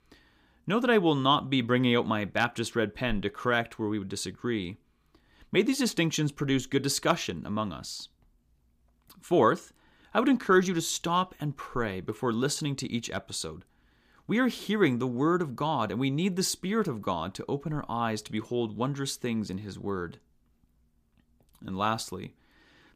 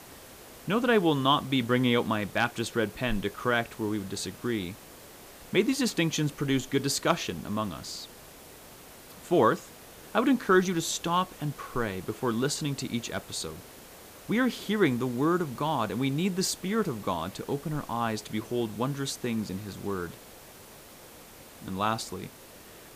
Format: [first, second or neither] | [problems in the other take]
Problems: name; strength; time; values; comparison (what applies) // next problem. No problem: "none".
first | hiss; noticeable; throughout; 20 dB below the speech